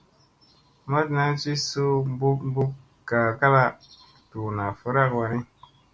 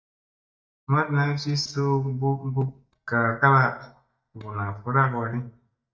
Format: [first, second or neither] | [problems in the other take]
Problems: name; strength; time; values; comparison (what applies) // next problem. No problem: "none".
first | noise reduction (neural mask model DeepFilterNet 3)